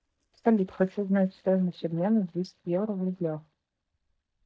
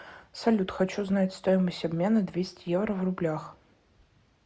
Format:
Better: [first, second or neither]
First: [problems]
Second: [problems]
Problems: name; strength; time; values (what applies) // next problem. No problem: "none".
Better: second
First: noise reduction (neural mask model DeepFilterNet 3)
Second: none